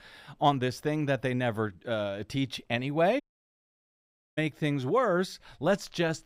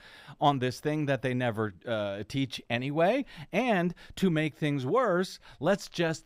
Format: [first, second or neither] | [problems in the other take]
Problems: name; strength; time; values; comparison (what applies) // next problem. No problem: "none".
second | audio cutting out; at 3 s for 1 s